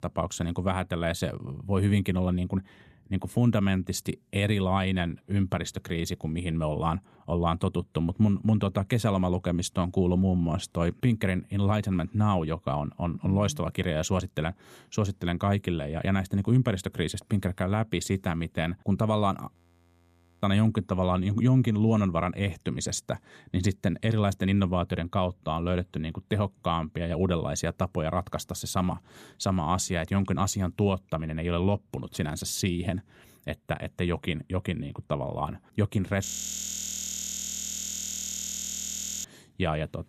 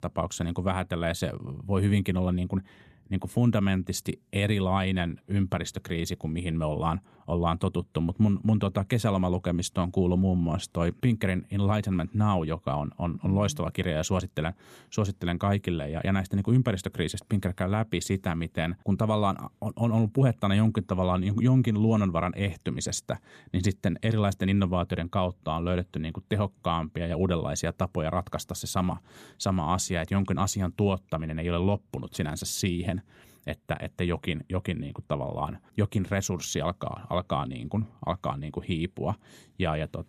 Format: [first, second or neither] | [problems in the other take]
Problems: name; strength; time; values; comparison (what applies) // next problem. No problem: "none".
second | audio freezing; at 20 s for 1 s and at 36 s for 3 s